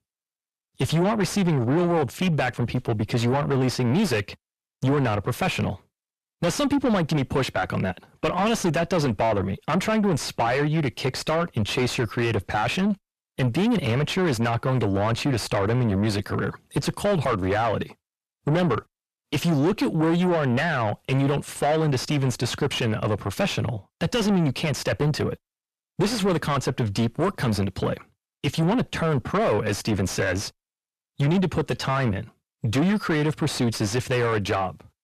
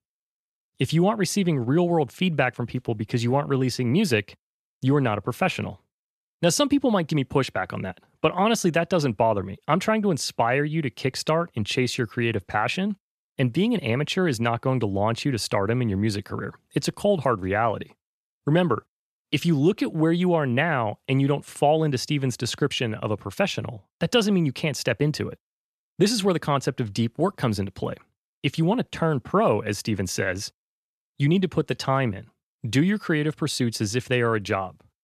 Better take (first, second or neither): second